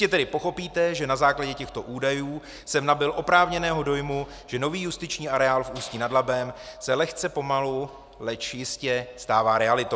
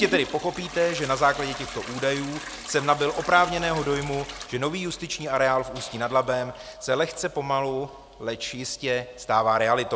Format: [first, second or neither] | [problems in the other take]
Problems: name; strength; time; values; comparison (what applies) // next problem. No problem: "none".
first | background sound (Trickle, dribble / Toilet flush / Hiss); 15 dB below the speech